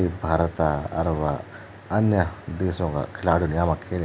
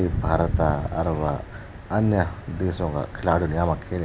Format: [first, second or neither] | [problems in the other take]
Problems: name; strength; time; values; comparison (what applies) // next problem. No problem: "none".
first | background sound (Thunder); 7 dB below the speech